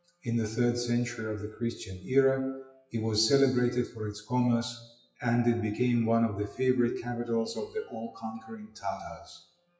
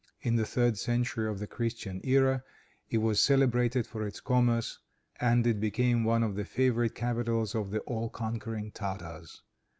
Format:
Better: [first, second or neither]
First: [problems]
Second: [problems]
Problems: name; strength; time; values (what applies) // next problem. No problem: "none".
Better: second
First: noise reduction (classical method WPE with log-MMSE)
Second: none